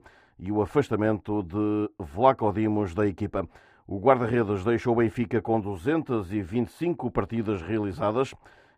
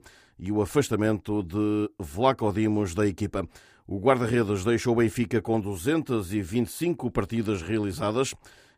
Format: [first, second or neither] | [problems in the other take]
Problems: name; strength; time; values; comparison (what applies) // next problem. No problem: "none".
second | muffled; very; fading above 4 kHz